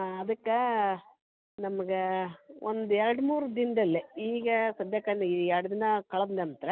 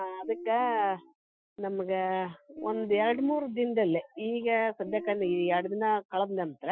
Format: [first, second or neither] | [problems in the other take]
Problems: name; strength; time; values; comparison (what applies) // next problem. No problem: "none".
first | noise reduction (classical method Wiener filter)